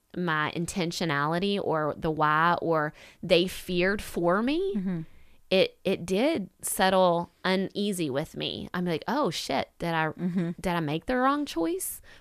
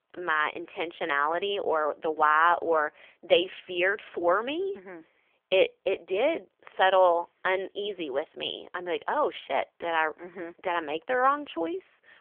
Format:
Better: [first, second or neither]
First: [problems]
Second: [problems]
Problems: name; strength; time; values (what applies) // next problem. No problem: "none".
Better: first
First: none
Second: phone-call audio; poor line; nothing above 3.5 kHz